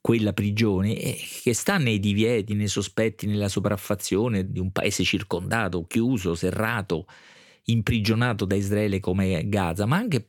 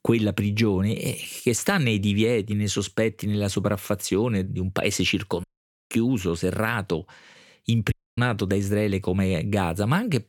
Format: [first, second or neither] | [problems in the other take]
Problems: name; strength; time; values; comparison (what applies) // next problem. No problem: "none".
first | audio cutting out; at 5.5 s and at 8 s